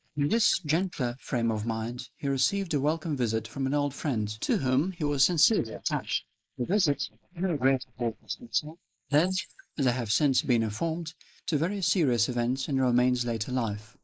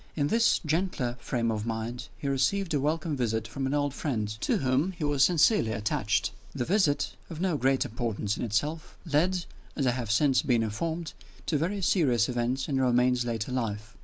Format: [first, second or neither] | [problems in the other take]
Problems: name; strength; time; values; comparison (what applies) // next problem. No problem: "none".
second | noise reduction (neural mask model Resemble Enhance denoiser)